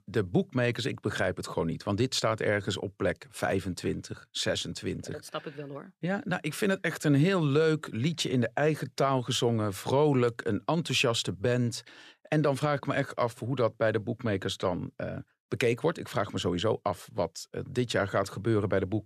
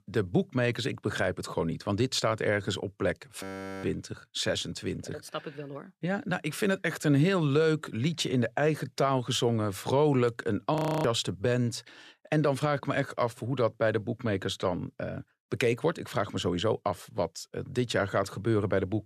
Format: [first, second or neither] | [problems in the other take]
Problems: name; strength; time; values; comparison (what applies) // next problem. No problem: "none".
first | audio freezing; at 3.5 s and at 11 s